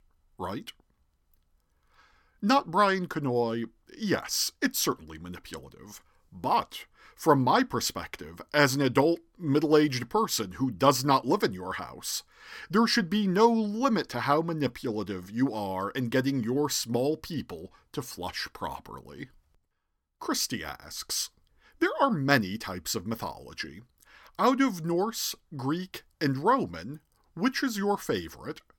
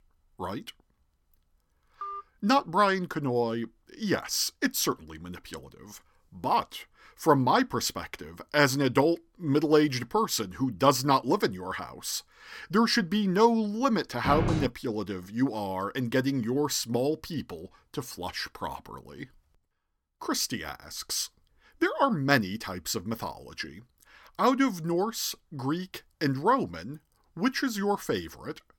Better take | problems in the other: first | phone ringing; faint; at 2 s; peak 10 dB below the speech // door banging; noticeable; at 14 s; peak 1 dB below the speech

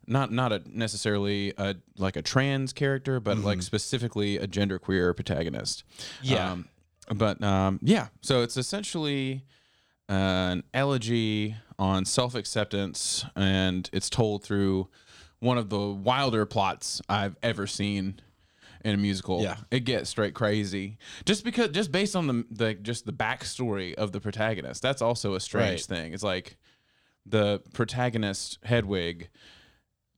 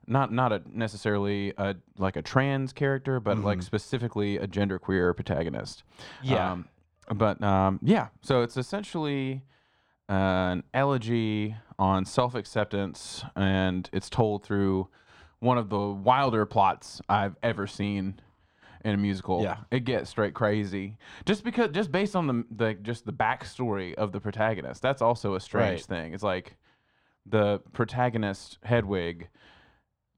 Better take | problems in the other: first | muffled; slightly; fading above 3.5 kHz

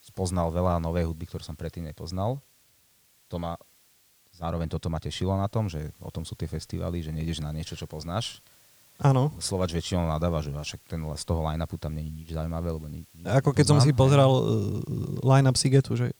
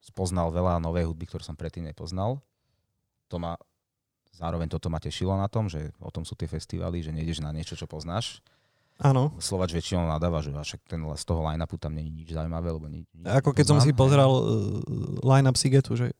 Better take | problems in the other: second | hiss; faint; throughout; 30 dB below the speech

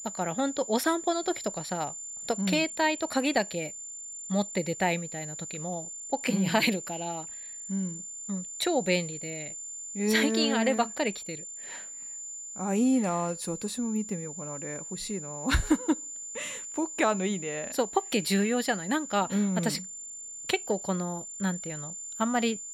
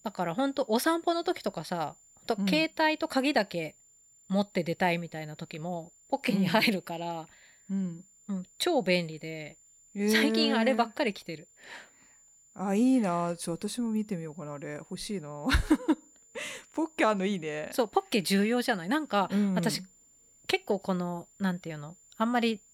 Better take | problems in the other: second | high-pitched whine; loud; throughout; 7 kHz, 8 dB below the speech; faint in the second

